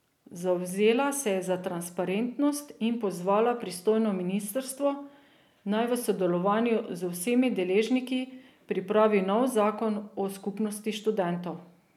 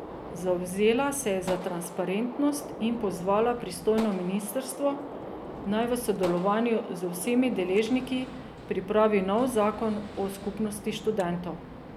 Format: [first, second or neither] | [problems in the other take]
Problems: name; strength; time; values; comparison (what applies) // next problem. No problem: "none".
first | background sound (Gunshot, gunfire); 12 dB below the speech